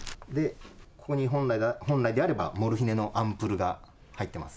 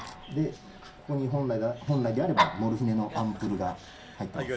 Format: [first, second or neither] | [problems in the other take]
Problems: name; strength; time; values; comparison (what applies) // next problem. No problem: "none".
first | background sound (Dog); 6 dB below the speech // room echo; dies away in 0.3 s